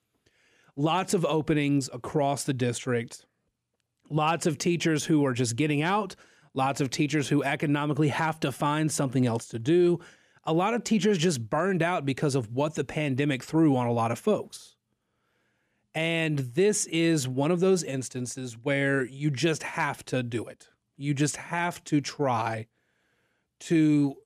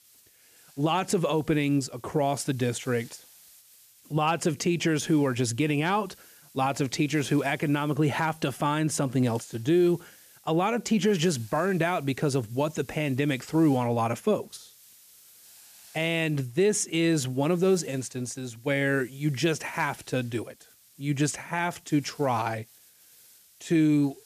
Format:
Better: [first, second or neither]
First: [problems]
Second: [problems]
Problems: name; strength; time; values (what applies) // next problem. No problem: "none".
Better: first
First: none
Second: hiss; faint; throughout; 25 dB below the speech